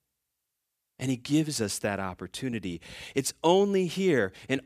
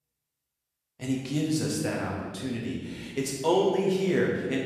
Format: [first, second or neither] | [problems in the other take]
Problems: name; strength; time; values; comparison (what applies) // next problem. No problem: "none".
first | room echo; noticeable; dies away in 1.4 s // off-mic speech; far